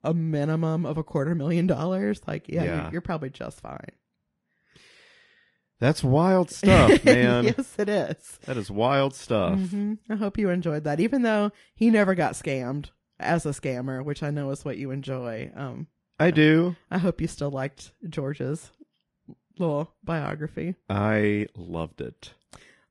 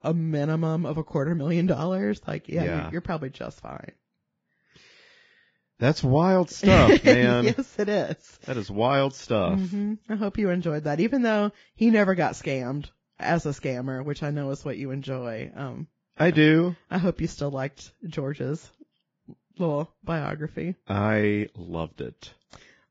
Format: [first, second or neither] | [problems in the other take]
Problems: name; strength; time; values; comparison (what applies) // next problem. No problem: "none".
first | garbled, watery; badly; nothing above 7.5 kHz; slightly in the first